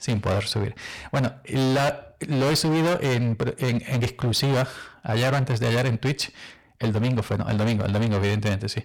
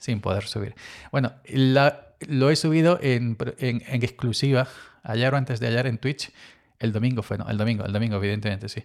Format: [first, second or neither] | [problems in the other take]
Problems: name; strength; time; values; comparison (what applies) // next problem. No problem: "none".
second | distortion; heavy; 25% of the sound clipped